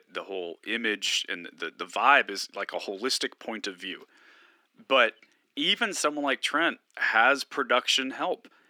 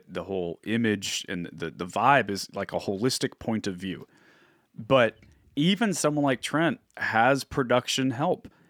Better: second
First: thin; somewhat; fading below 300 Hz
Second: none

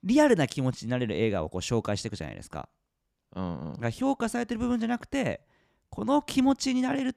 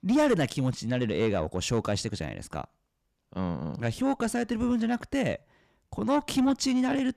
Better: first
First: none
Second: distortion; slight; 10 dB below the speech

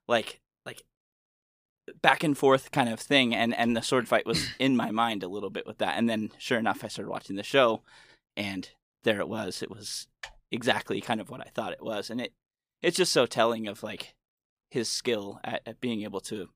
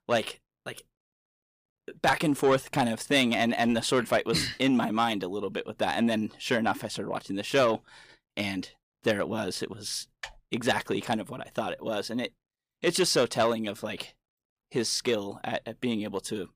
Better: first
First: none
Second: distortion; slight; 10 dB below the speech

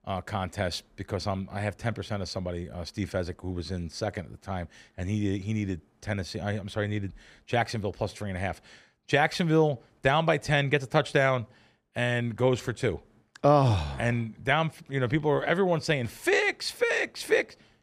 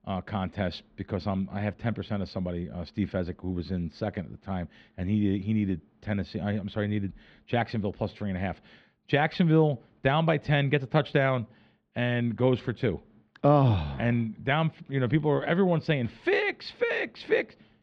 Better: first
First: none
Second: muffled; very slightly; fading above 3.5 kHz

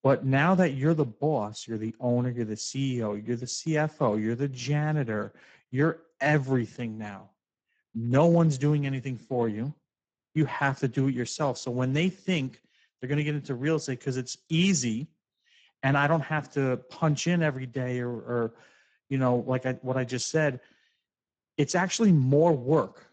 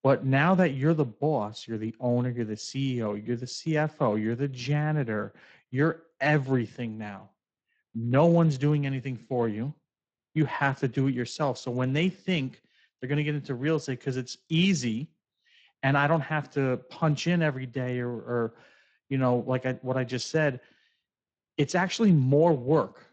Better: second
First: garbled, watery; badly; nothing above 7.5 kHz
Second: garbled, watery; slightly; nothing above 7.5 kHz

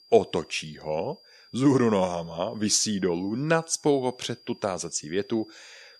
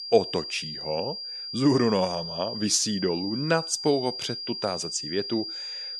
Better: first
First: high-pitched whine; faint; throughout; 5 kHz, 25 dB below the speech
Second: high-pitched whine; loud; throughout; 5 kHz, 6 dB below the speech

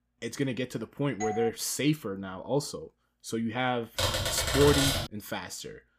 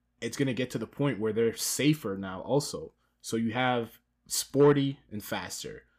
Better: second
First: doorbell; noticeable; at 1 s; peak 6 dB below the speech // keyboard typing; loud; from 4 to 5 s; peak 5 dB above the speech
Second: none

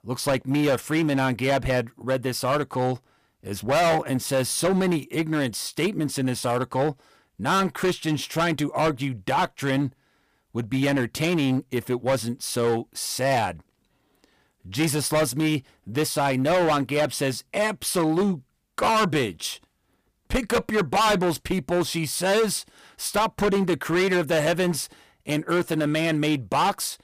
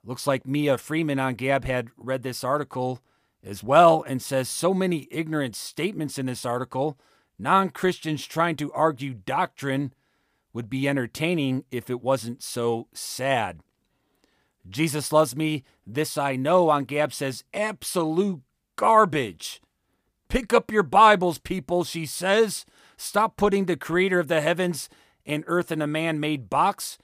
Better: second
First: distortion; heavy; 12% of the sound clipped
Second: none

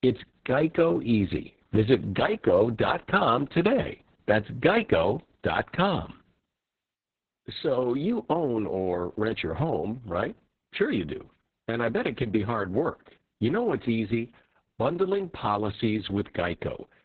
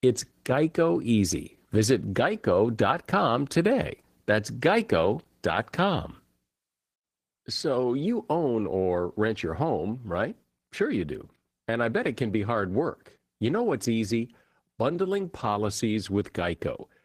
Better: second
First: garbled, watery; badly; nothing above 4 kHz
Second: garbled, watery; slightly

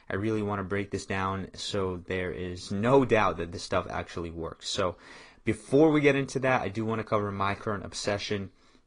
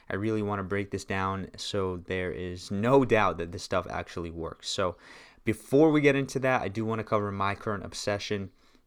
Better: second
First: garbled, watery; slightly; nothing above 10 kHz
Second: none

